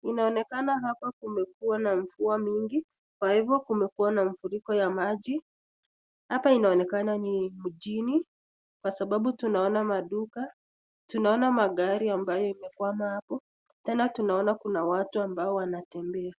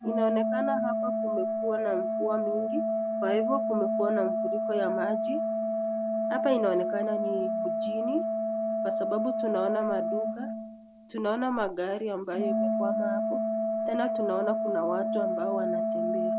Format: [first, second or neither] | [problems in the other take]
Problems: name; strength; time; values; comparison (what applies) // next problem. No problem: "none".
first | background sound (Organ); 3 dB above the speech